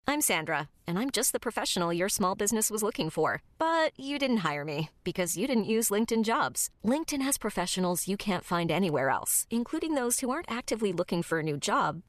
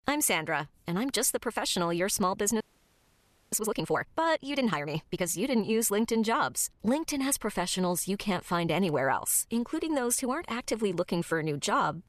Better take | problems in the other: first | audio freezing; at 2.5 s for 1 s

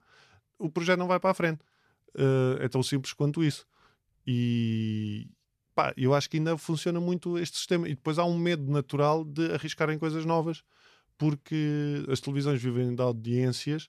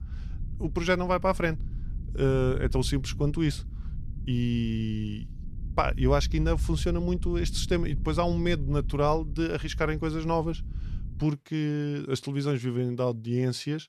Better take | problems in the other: first | low rumble; faint; until 11 s; 20 dB below the speech

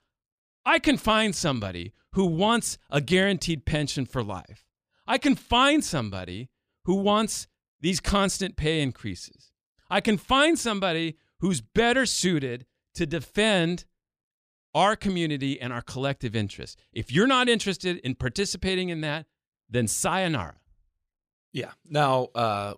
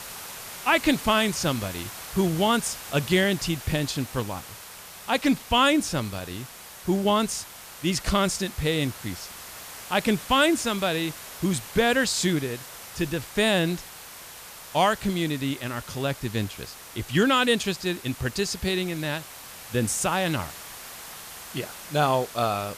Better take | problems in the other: first | hiss; noticeable; throughout; 15 dB below the speech

